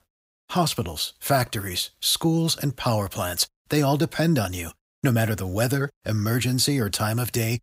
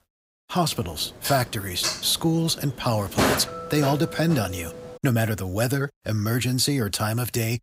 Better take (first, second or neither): first